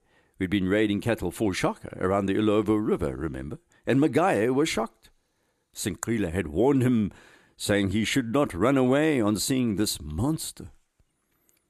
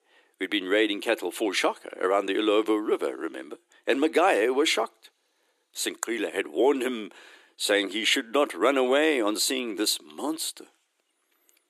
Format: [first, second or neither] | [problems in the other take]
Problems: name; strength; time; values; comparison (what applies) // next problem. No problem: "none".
first | thin; somewhat; fading below 350 Hz